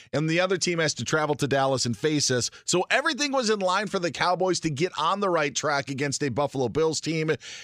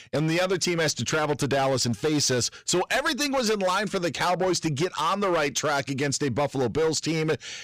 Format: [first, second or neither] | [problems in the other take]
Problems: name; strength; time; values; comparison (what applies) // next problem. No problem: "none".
first | distortion; slight; 14% of the sound clipped